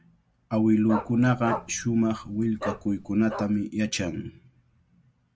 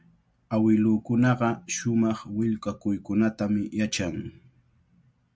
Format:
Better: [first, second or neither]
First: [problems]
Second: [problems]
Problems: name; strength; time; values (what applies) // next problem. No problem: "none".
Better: second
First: background sound (Bark); 10 dB below the speech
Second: none